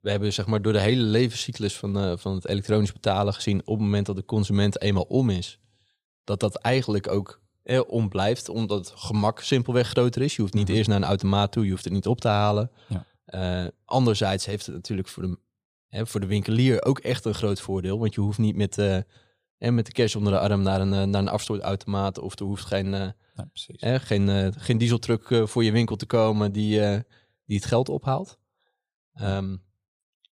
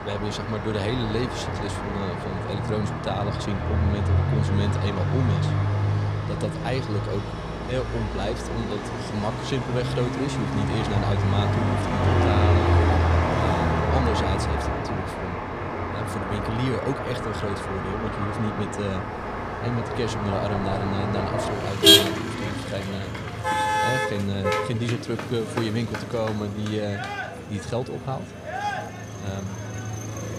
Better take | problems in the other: first | traffic noise; very loud; throughout; 4 dB above the speech

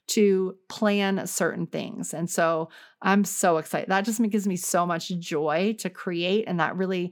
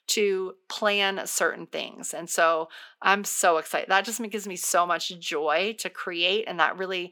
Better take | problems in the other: first | thin; somewhat; fading below 450 Hz

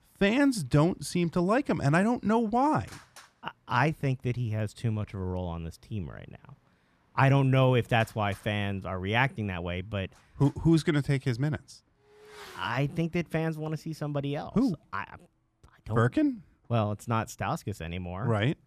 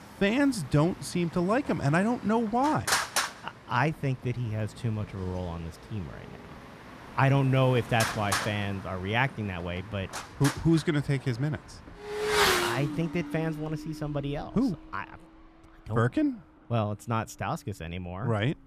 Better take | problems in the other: first | traffic noise; loud; throughout; 3 dB below the speech; faint in the first

